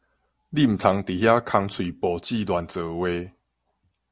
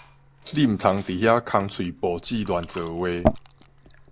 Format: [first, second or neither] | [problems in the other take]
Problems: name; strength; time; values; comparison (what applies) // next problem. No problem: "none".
first | background sound (Fill (with liquid) / Glass); 8 dB below the speech